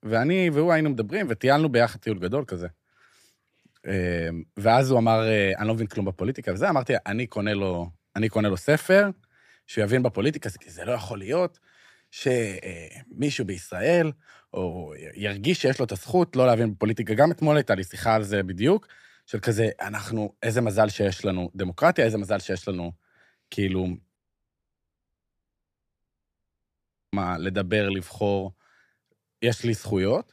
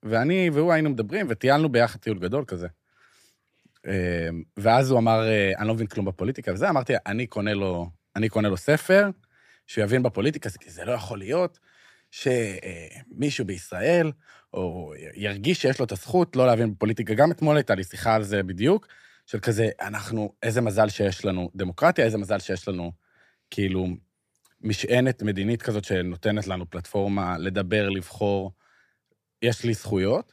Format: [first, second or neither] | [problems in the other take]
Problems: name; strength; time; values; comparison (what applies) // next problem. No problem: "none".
second | audio cutting out; at 24 s for 3 s